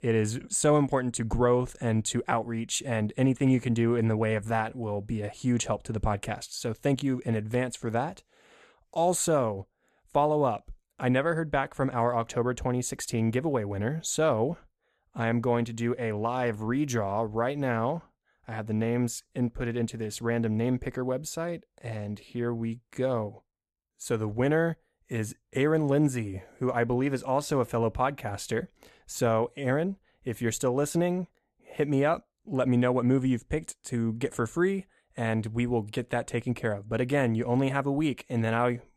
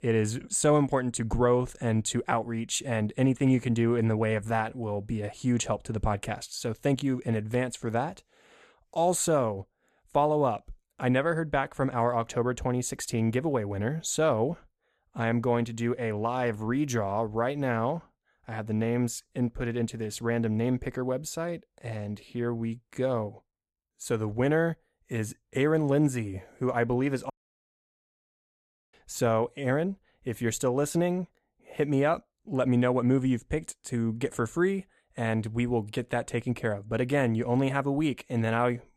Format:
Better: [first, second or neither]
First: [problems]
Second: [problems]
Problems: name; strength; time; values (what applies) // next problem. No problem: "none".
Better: first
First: none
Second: audio cutting out; at 27 s for 1.5 s